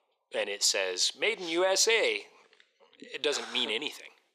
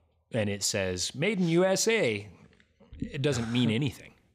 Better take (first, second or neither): second